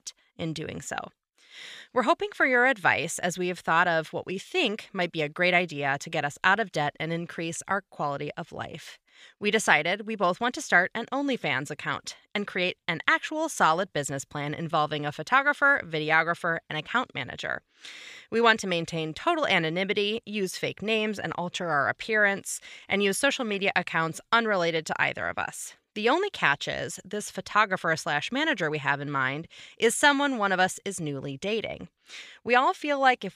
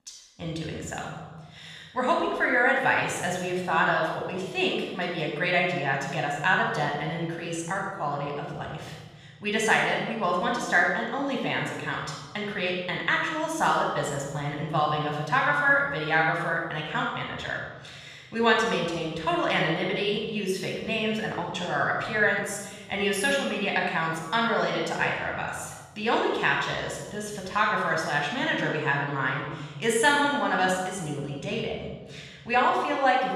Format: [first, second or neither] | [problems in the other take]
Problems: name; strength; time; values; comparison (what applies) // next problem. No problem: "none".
first | room echo; noticeable; dies away in 1.4 s // off-mic speech; far